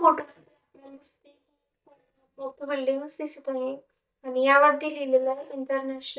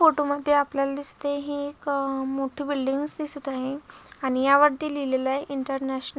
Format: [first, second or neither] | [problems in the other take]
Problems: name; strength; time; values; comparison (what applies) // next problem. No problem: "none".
second | noise reduction (neural mask model DeepFilterNet 3)